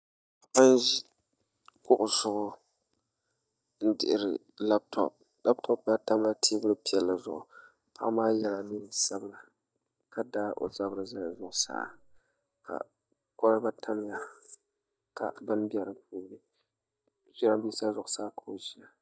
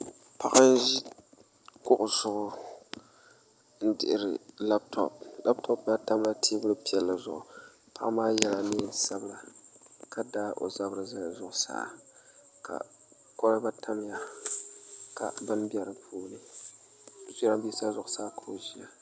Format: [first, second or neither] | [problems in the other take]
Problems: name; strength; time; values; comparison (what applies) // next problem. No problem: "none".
second | noise reduction (neural mask model DeepFilterNet 3)